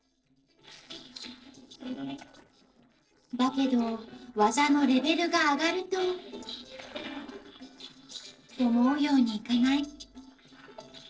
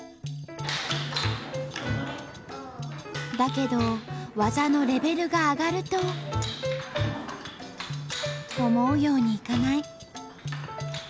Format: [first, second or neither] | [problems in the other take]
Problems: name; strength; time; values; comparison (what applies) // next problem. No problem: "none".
second | noise reduction (neural separator model SepFormer DNS4)